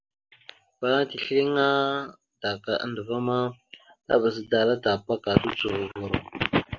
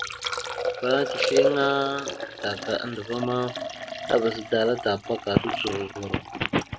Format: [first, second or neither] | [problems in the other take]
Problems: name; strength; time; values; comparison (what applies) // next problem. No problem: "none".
first | background sound (Liquid); 4 dB below the speech